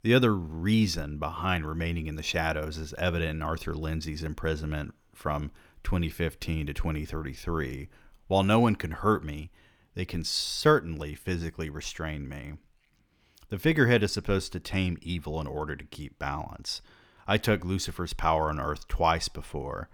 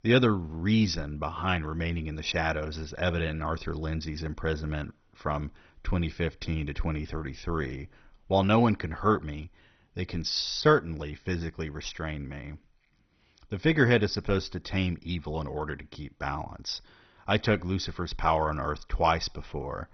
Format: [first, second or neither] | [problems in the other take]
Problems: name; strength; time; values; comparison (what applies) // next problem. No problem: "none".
first | garbled, watery; badly; nothing above 6 kHz